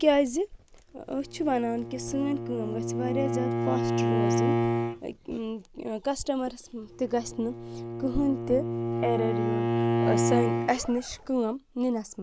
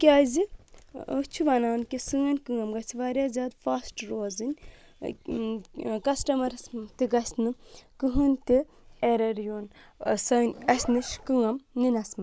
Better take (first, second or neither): second